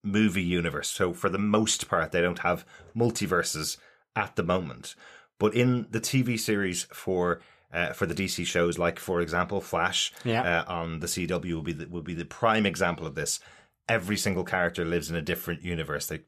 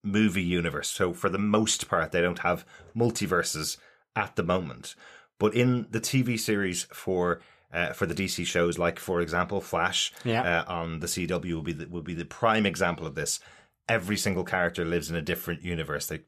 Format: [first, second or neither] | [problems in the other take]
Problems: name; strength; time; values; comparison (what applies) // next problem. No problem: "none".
neither | none